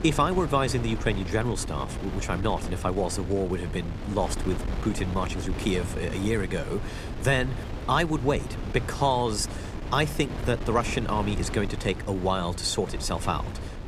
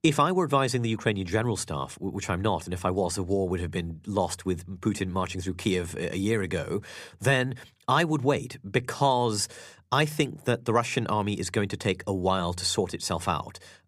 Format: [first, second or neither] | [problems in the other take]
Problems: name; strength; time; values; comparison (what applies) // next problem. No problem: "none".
second | wind noise on the microphone; occasional gusts; 10 dB below the speech